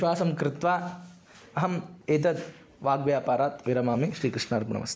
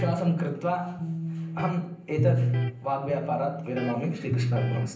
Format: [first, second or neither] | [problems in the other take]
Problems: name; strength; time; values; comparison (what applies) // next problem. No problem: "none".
first | background sound (Electric guitar); as loud as the speech // room echo; dies away in 0.6 s